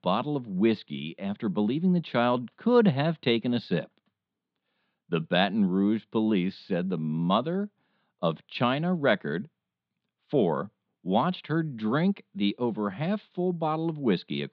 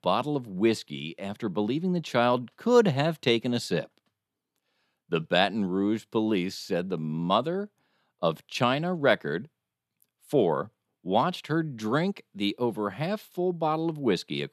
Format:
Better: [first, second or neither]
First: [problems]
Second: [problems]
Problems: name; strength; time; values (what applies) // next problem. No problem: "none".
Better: second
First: muffled; very slightly; fading above 4 kHz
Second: none